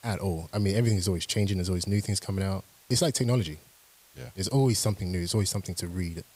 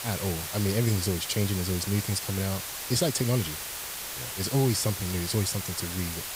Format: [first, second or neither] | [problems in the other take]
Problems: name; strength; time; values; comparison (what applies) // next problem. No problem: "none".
first | hiss; loud; throughout; 5 dB below the speech; faint in the first